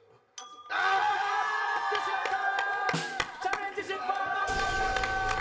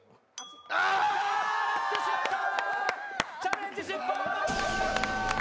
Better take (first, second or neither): second